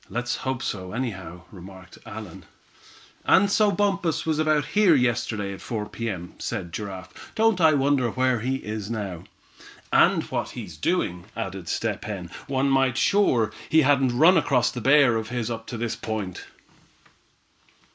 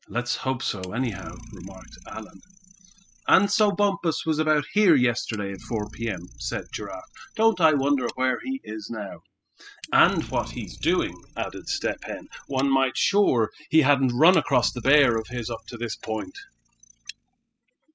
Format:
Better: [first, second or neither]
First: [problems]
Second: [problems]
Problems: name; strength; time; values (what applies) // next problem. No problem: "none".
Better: first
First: none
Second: noise reduction (classical method spectral subtraction)